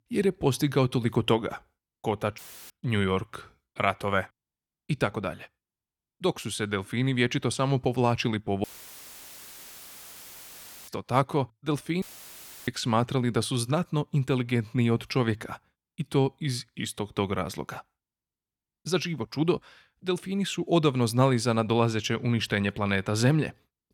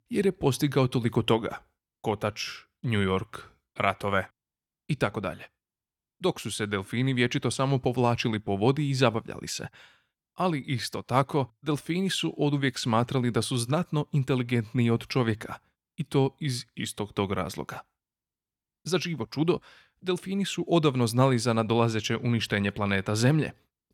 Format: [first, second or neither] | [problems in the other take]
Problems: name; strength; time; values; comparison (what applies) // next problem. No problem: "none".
second | audio cutting out; filled with static; at 2.5 s, at 8.5 s for 2 s and at 12 s for 0.5 s